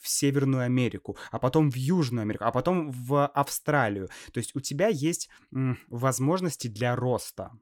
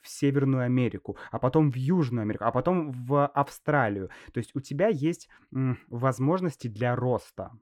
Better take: first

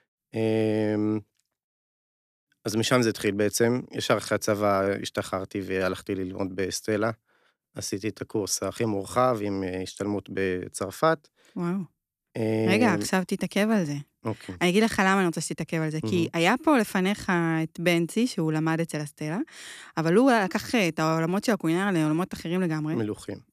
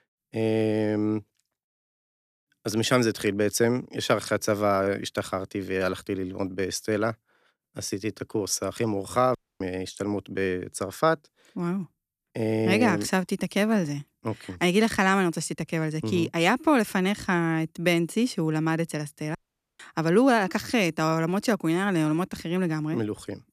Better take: first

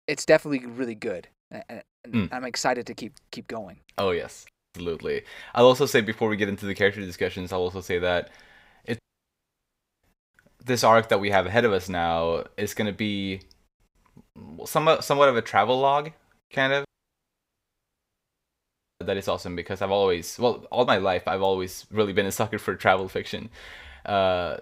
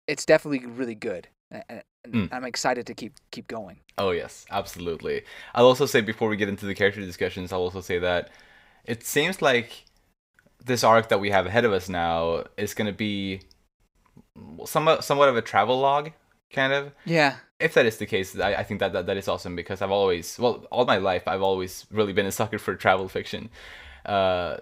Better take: second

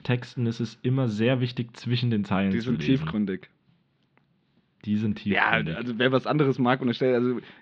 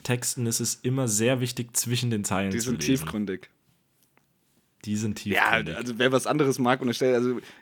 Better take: second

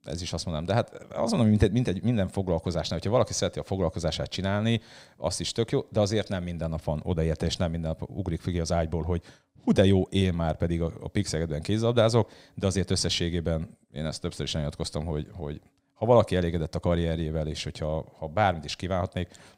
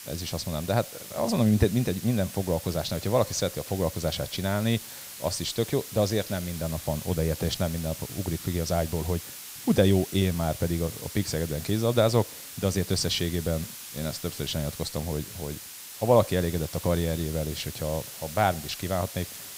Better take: first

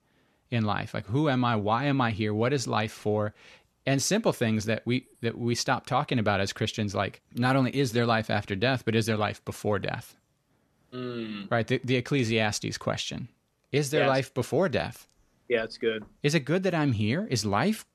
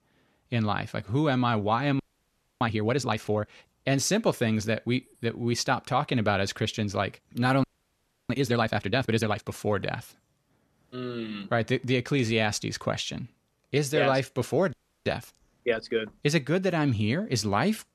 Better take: first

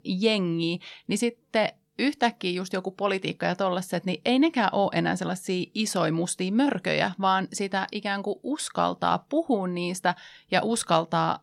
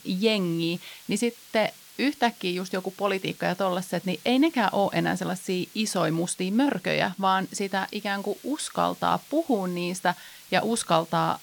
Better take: first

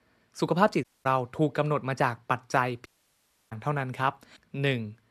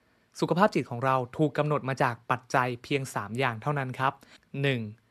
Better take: second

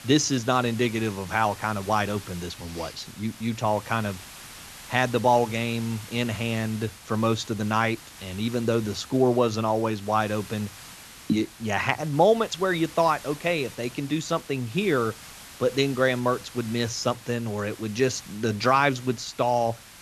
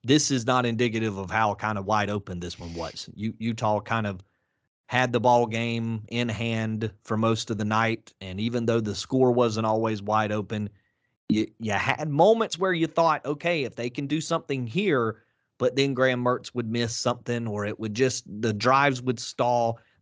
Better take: second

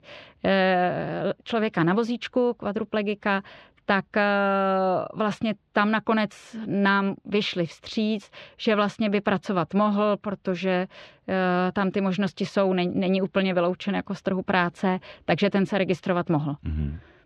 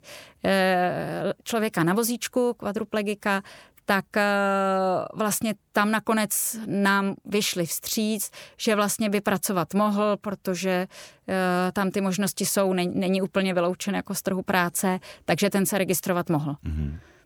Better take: second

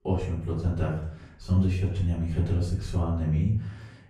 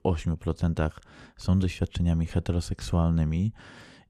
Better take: second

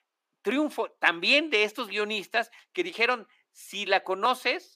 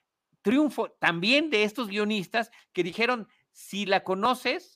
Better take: second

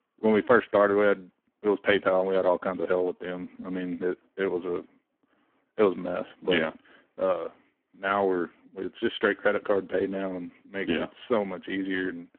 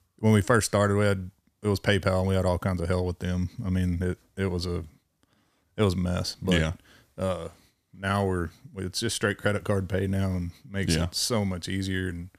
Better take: second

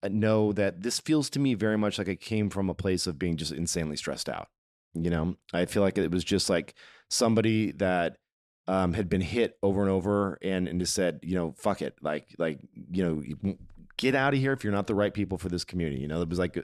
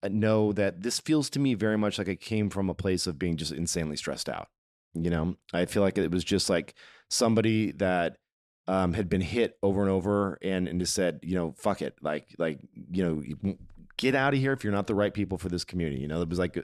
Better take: neither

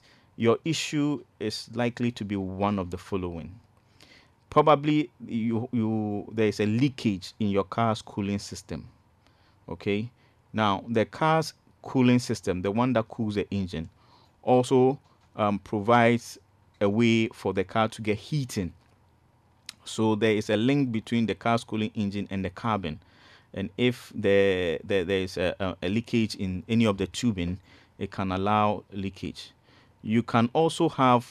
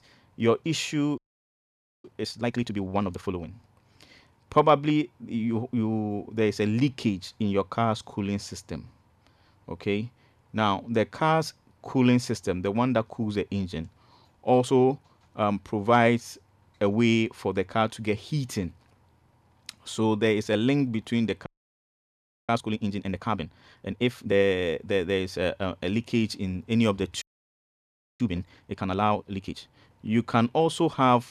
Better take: first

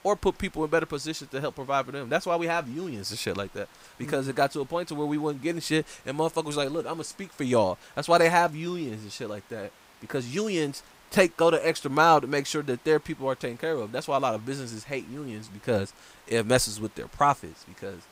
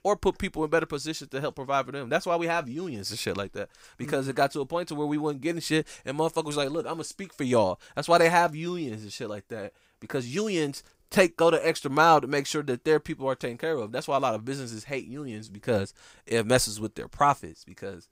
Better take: second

